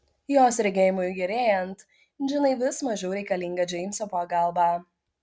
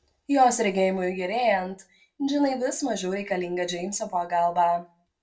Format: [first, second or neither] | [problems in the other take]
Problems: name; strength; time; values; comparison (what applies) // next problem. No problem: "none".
first | room echo; dies away in 0.2 s